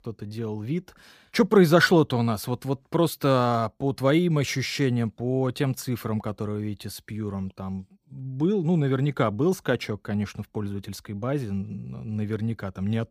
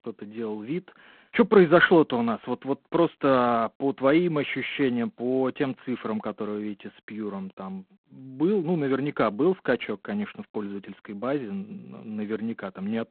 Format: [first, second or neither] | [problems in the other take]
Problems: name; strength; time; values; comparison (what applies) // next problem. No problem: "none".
first | phone-call audio; poor line